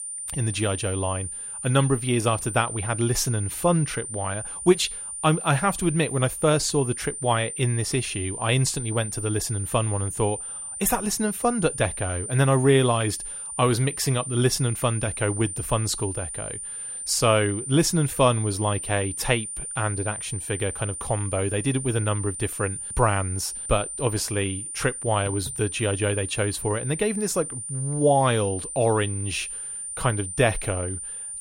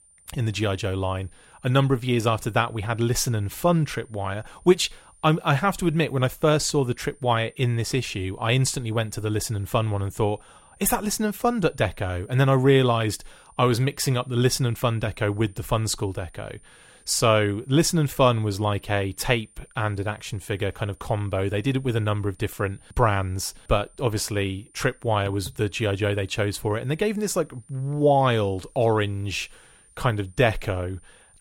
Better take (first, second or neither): second